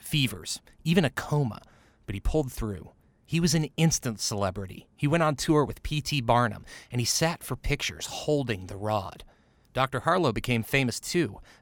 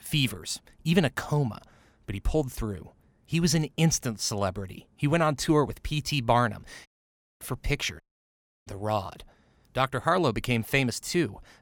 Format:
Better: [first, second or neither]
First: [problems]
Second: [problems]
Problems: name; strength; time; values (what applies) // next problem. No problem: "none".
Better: first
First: none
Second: audio cutting out; at 7 s for 0.5 s and at 8 s for 0.5 s